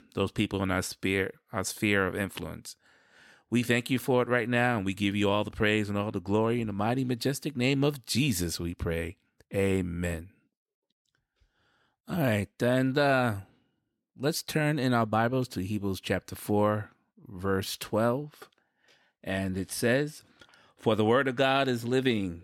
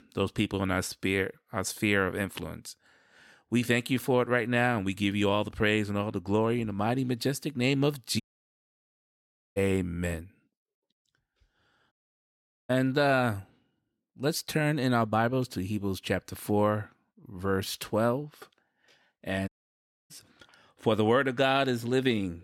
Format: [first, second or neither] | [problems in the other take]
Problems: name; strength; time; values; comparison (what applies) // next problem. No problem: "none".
first | audio cutting out; at 8 s for 1.5 s, at 12 s for 1 s and at 19 s for 0.5 s